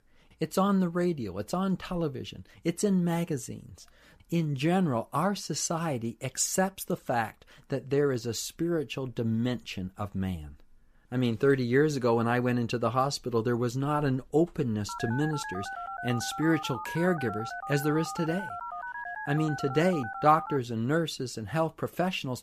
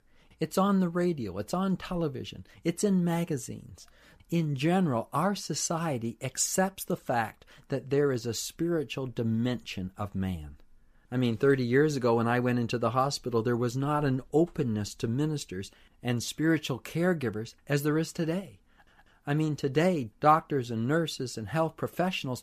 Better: second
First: phone ringing; noticeable; from 15 to 21 s; peak 7 dB below the speech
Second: none

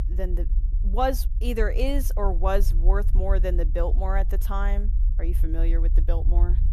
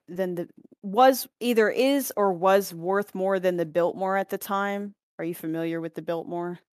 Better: second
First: low rumble; noticeable; throughout; 15 dB below the speech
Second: none

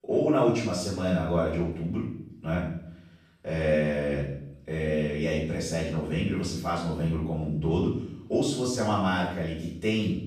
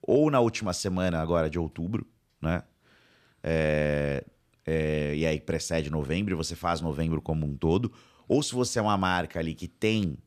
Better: second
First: off-mic speech; far // room echo; noticeable; dies away in 0.7 s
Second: none

